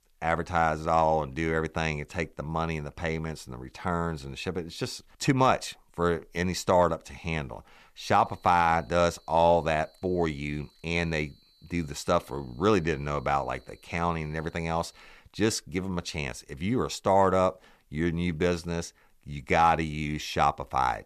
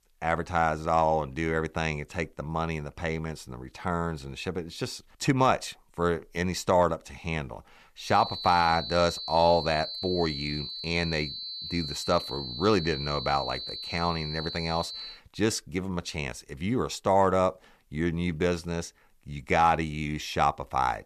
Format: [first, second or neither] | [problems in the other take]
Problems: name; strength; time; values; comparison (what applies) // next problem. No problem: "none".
first | high-pitched whine; loud; from 8 to 15 s; 4 kHz, 7 dB below the speech; faint in the first